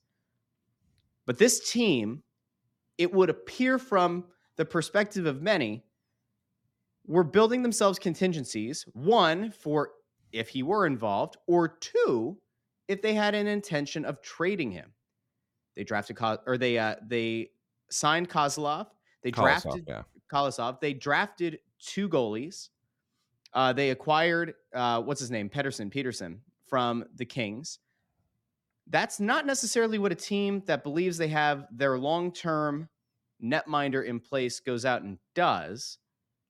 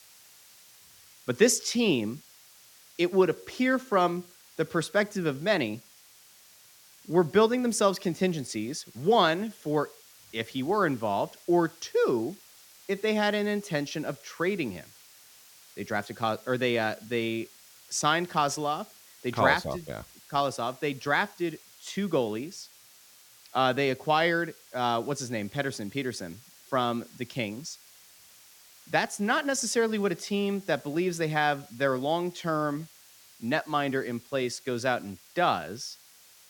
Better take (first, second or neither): first